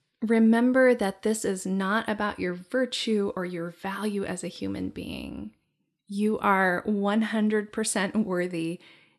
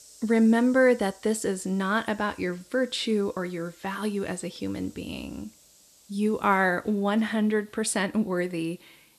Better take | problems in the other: first | hiss; faint; throughout; 25 dB below the speech

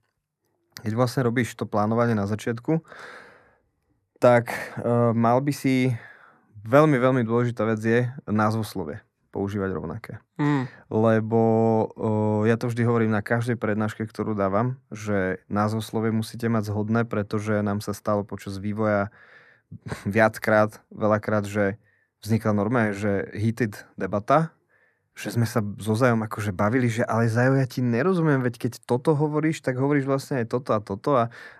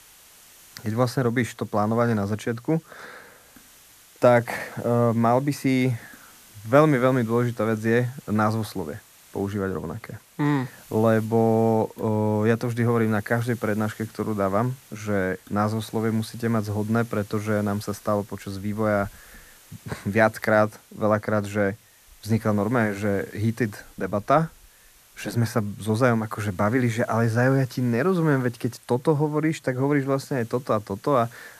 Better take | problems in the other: first | hiss; faint; throughout; 25 dB below the speech

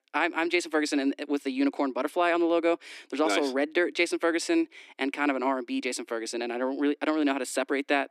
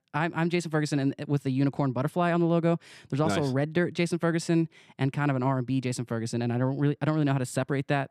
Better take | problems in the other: second | thin; very slightly; fading below 300 Hz

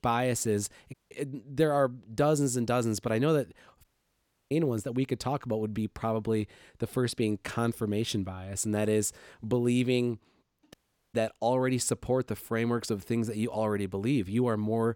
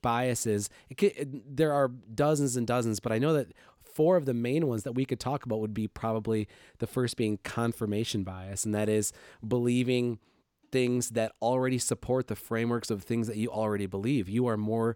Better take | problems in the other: second | audio cutting out; at 1 s, at 4 s for 0.5 s and at 11 s

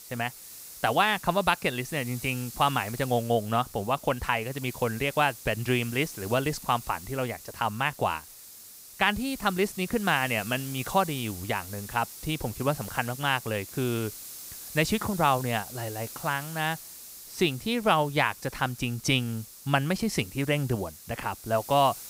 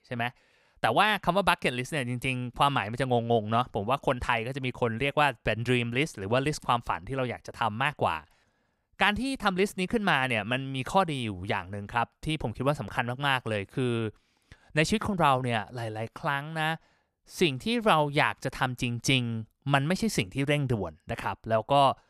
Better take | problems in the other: second | hiss; noticeable; throughout; 15 dB below the speech

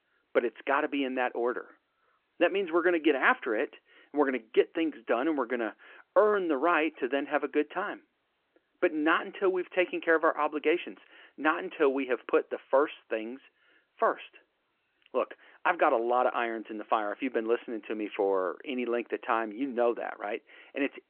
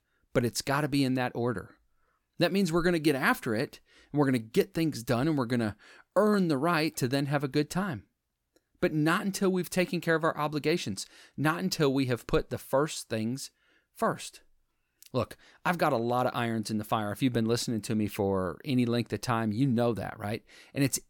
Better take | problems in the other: second | phone-call audio

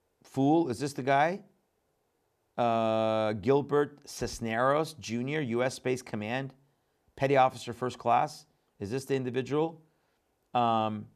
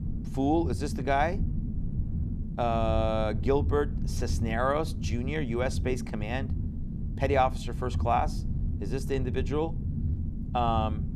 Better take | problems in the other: first | low rumble; noticeable; throughout; 15 dB below the speech

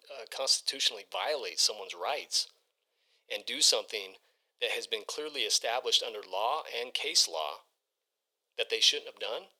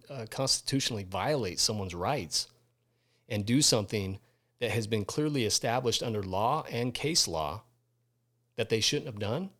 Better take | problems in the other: second | thin; very; fading below 500 Hz

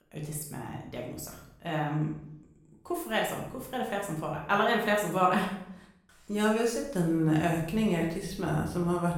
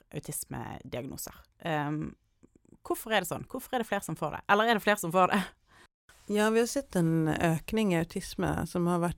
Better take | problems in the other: second | room echo; noticeable; dies away in 0.6 s // off-mic speech; far

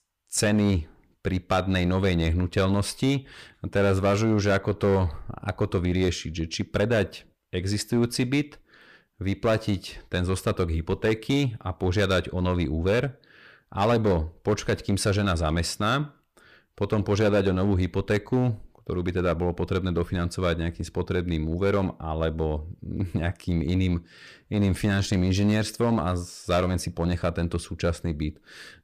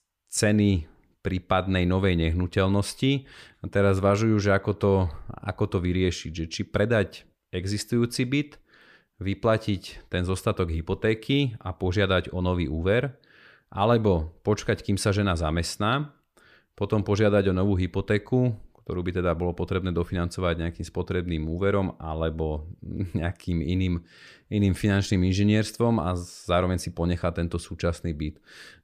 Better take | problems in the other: second | distortion; slight; 6% of the sound clipped

